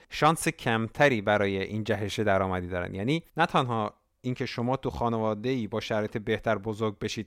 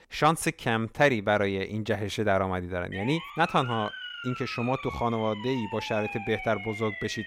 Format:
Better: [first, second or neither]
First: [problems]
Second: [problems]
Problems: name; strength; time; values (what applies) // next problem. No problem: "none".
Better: first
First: none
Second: siren; noticeable; from 3 s on; peak 8 dB below the speech